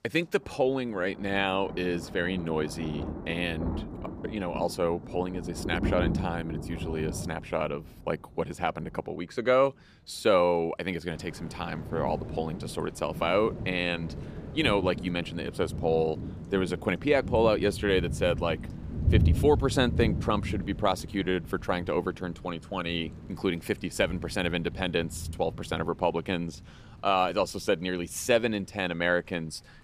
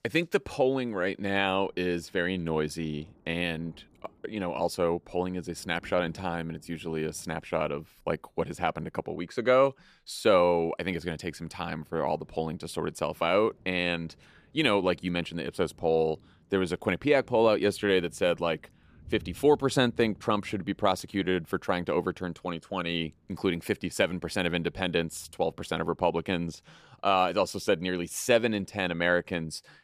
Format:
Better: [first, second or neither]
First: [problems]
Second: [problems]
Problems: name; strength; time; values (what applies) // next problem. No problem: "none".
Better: second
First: rain or running water; loud; throughout; 6 dB below the speech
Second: rain or running water; faint; throughout; 30 dB below the speech